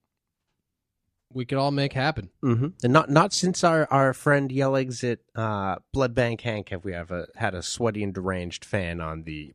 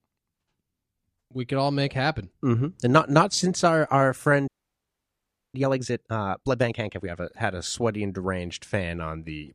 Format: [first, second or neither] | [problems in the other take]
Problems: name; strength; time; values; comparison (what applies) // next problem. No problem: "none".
first | audio freezing; at 4.5 s for 1 s